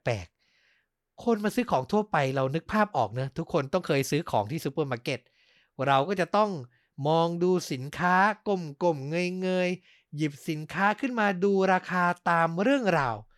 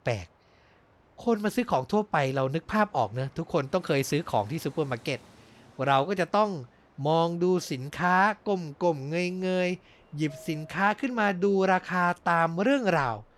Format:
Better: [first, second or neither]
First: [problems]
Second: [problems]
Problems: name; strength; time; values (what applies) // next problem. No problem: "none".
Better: first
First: none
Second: train or aircraft noise; faint; throughout; 30 dB below the speech